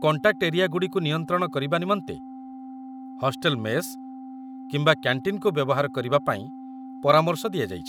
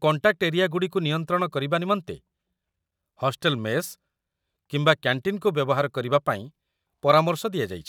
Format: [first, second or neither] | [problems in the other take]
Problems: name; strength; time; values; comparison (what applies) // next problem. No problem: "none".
second | background sound (Organ); 14 dB below the speech